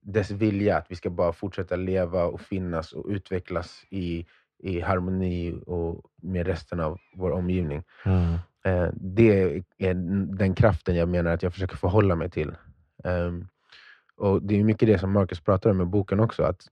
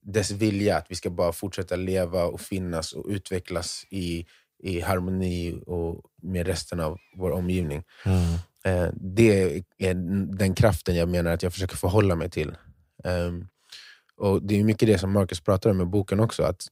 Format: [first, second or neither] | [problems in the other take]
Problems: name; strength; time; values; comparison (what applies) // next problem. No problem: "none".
second | muffled; slightly; fading above 2.5 kHz